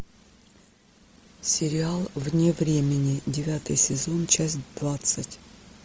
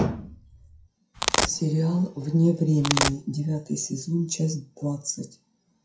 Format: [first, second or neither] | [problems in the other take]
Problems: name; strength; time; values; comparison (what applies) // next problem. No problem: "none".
first | noise reduction (classical method WPE with log-MMSE)